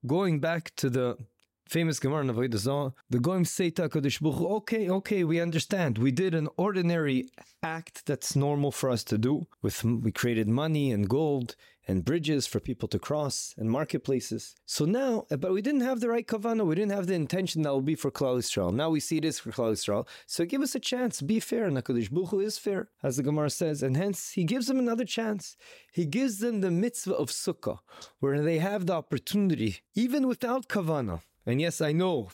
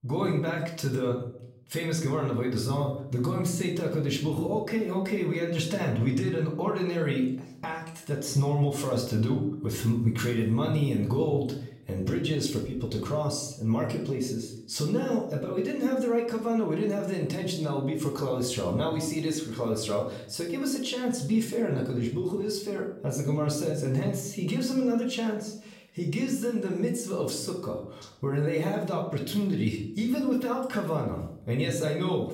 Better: first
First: none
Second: off-mic speech; far // room echo; slight; dies away in 0.6 s

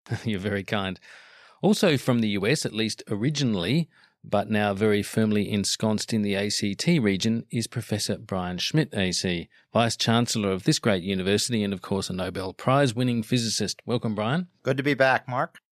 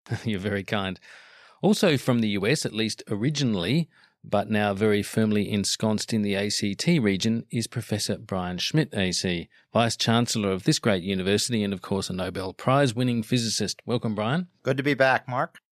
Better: neither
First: none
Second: none

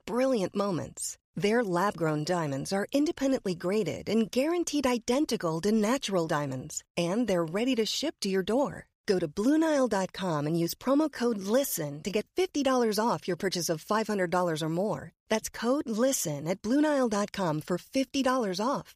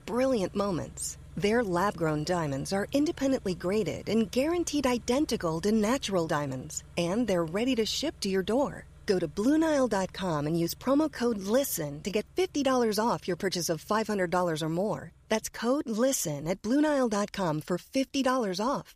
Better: first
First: none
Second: traffic noise; faint; throughout; 25 dB below the speech

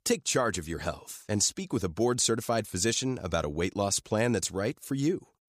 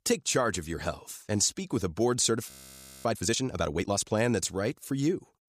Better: first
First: none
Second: audio freezing; at 2.5 s for 0.5 s

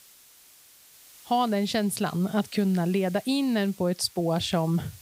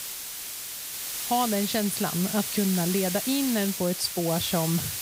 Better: first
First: hiss; faint; throughout; 20 dB below the speech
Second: hiss; loud; throughout; 3 dB below the speech

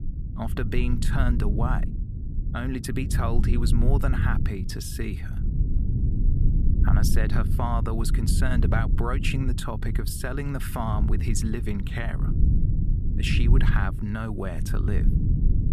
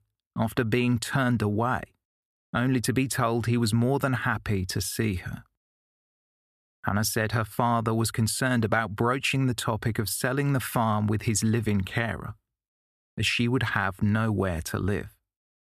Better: second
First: low rumble; loud; throughout; 7 dB below the speech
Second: none

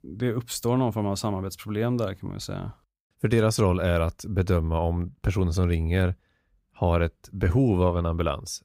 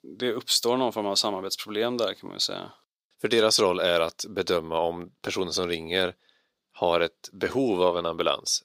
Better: first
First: none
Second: thin; somewhat; fading below 400 Hz

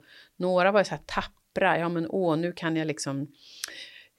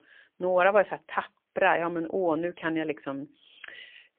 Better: first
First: none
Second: phone-call audio; poor line

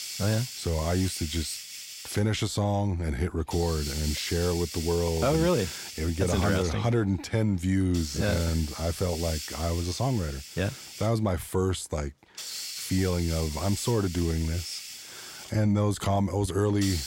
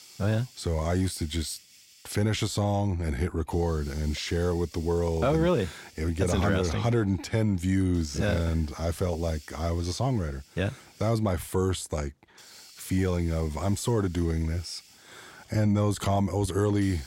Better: second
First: hiss; loud; throughout; 9 dB below the speech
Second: hiss; faint; throughout; 25 dB below the speech

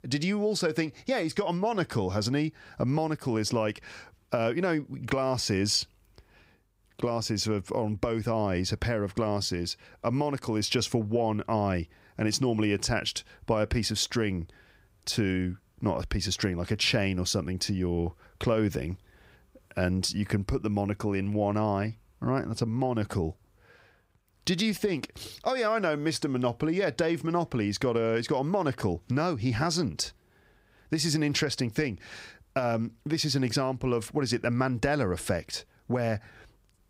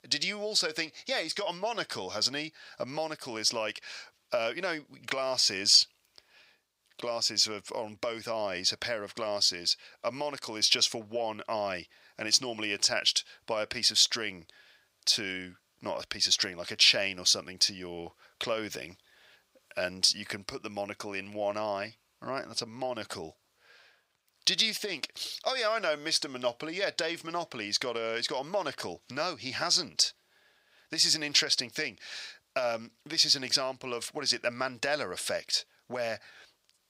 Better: first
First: none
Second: thin; somewhat; fading below 1 kHz

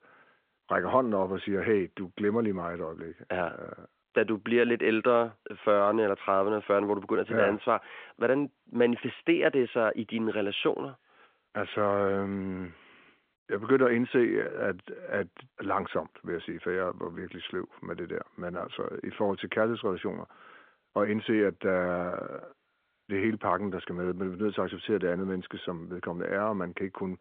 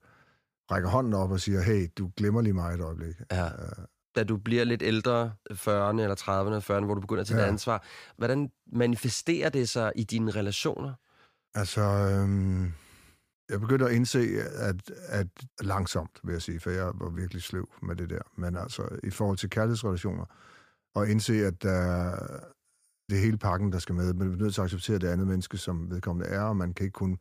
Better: second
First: phone-call audio; nothing above 3.5 kHz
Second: none

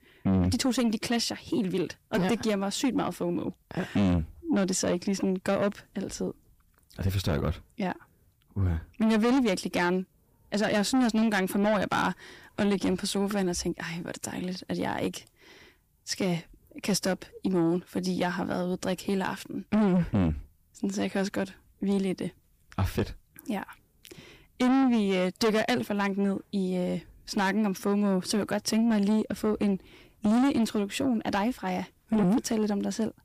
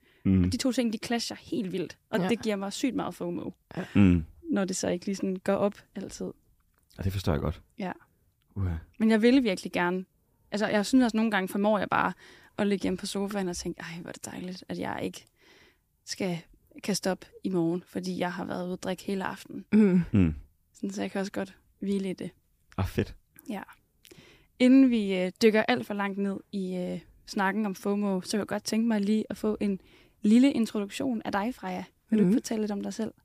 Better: second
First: distortion; heavy; 7 dB below the speech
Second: none

